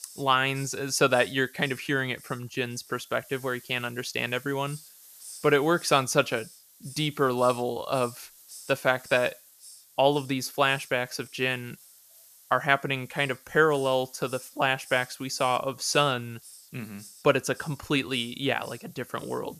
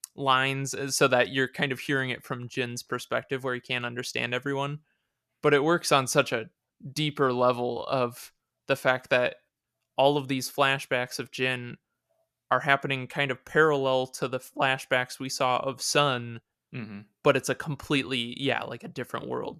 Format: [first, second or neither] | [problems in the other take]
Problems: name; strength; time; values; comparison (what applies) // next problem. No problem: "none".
second | hiss; faint; throughout; 20 dB below the speech